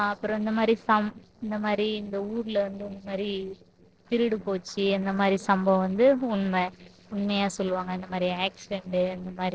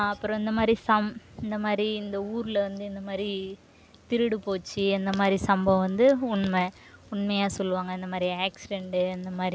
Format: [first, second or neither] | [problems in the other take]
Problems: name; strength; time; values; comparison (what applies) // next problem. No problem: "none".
second | noise reduction (neural separator model SepFormer DNS4)